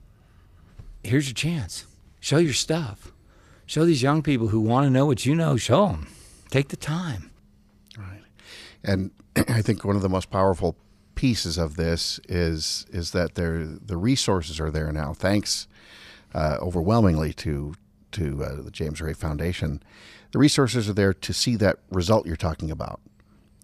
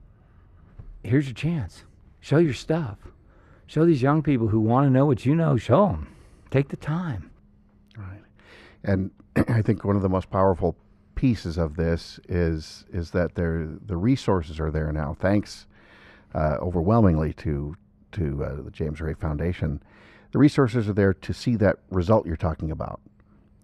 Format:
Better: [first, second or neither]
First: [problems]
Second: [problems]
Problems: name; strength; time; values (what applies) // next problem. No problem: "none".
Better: first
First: none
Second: muffled; very; fading above 3 kHz